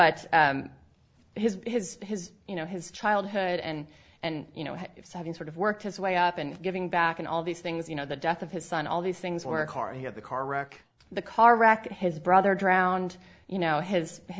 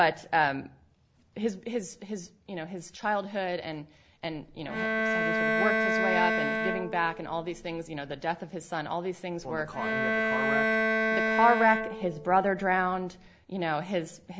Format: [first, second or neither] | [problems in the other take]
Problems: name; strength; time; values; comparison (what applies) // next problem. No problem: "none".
first | background sound (Bowed string instrument); 1 dB above the speech